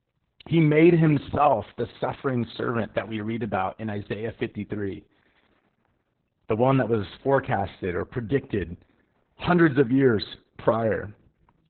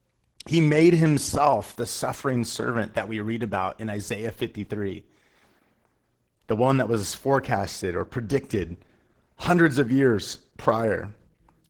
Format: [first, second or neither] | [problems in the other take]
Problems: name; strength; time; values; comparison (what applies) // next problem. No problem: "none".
second | garbled, watery; badly; nothing above 4 kHz; slightly in the second